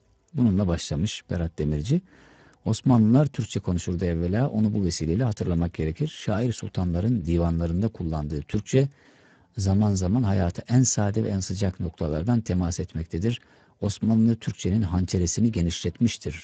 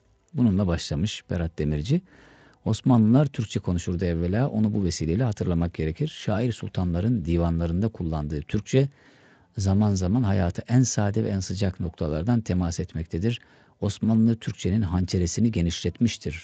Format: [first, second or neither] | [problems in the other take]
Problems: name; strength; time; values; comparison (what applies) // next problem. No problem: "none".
second | garbled, watery; badly; nothing above 7.5 kHz; slightly in the second